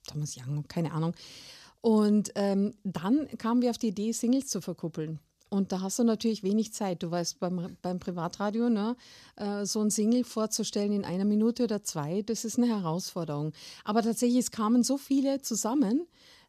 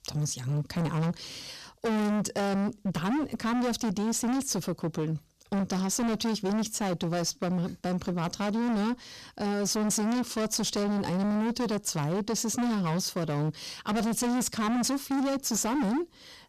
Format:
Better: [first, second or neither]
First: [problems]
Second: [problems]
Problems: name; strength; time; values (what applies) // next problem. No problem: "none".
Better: first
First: none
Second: distortion; heavy; 32% of the sound clipped